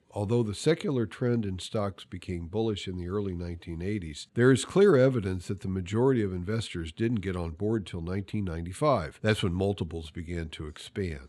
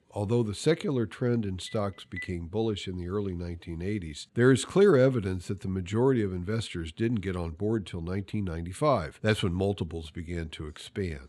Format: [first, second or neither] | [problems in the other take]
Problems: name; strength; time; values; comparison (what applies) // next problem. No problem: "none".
first | phone ringing; faint; at 1.5 s; peak 10 dB below the speech